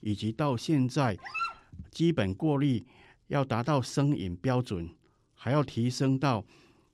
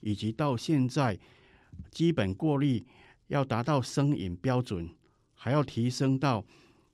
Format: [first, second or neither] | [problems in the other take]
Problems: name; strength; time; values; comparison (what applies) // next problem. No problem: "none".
second | dog barking; noticeable; at 1 s; peak 4 dB below the speech